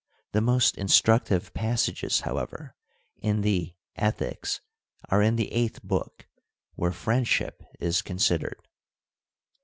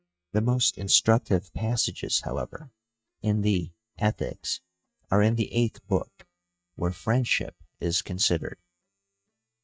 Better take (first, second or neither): first